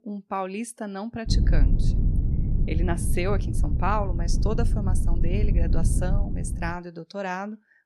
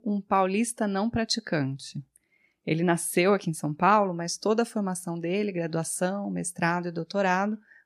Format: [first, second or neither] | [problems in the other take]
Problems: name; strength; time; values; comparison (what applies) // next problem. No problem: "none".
second | low rumble; loud; from 1.5 to 6.5 s; 8 dB below the speech